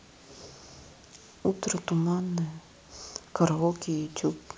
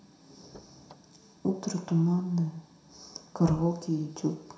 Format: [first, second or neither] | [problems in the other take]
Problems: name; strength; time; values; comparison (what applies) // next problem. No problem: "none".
first | background sound (Slam / Car); 19 dB below the speech // room echo; dies away in 0.7 s